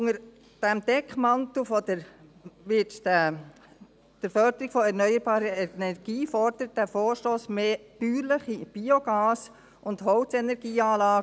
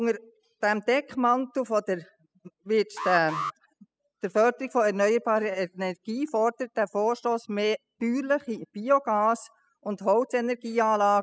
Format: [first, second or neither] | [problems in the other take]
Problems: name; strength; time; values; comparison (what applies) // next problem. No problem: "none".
first | noise reduction (classical method spectral subtraction)